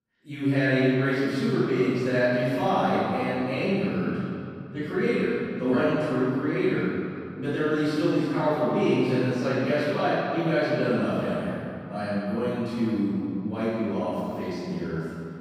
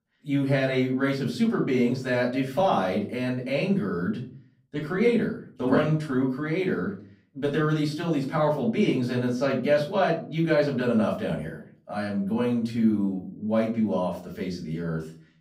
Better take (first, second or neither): second